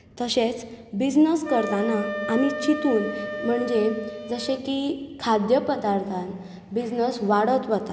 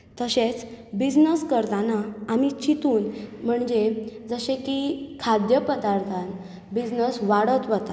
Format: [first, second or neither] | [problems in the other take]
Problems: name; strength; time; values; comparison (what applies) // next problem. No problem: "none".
second | background sound (Wind instrument, woodwind instrument); 11 dB below the speech